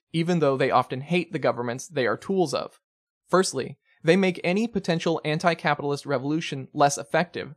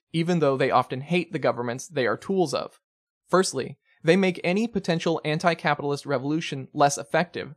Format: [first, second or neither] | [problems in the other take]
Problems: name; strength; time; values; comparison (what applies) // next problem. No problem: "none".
neither | none